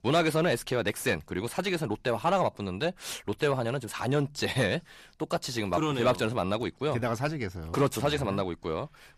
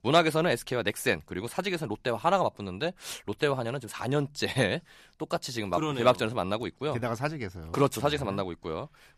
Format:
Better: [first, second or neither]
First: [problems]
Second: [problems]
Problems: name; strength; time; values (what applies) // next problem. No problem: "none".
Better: second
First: distortion; slight; 10 dB below the speech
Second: none